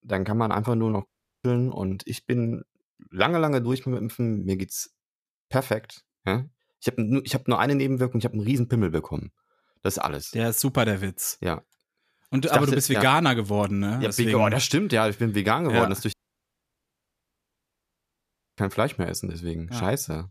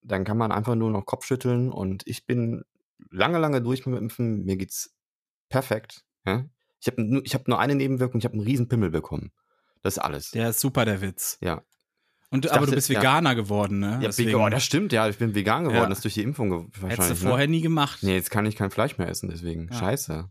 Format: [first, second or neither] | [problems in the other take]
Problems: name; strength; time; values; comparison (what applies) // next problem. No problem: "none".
second | audio cutting out; at 1 s and at 16 s for 2.5 s